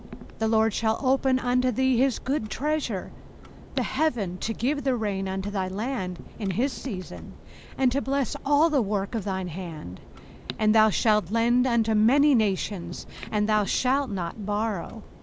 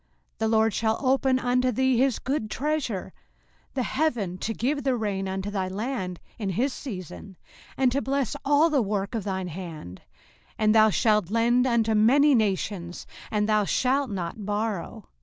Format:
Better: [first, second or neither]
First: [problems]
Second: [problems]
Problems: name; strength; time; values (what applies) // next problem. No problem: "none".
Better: second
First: background sound (Clock); 17 dB below the speech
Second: none